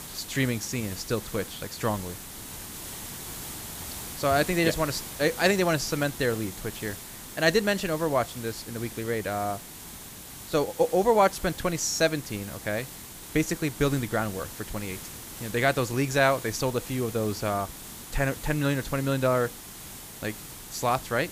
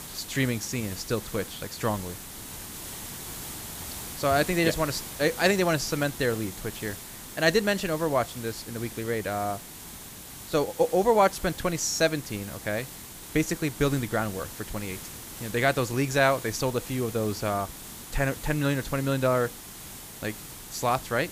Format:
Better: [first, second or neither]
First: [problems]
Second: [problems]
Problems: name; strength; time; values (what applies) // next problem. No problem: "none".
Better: neither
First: hiss; noticeable; throughout; 10 dB below the speech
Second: hiss; noticeable; throughout; 10 dB below the speech